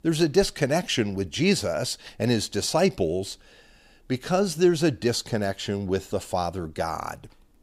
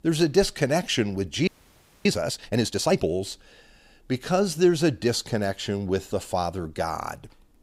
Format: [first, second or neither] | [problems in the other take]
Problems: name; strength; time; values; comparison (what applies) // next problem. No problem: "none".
first | audio freezing; at 1.5 s for 0.5 s